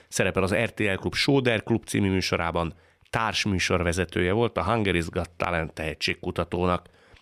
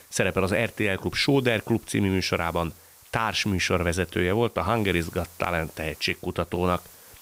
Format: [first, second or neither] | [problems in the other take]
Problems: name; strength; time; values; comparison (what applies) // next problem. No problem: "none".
first | hiss; faint; throughout; 20 dB below the speech